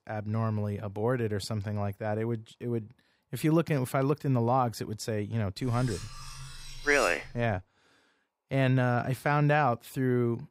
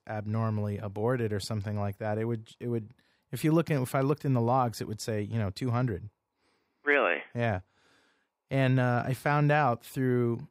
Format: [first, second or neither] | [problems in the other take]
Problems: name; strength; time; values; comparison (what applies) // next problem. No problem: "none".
second | clattering dishes; noticeable; from 5.5 to 7.5 s; peak 8 dB below the speech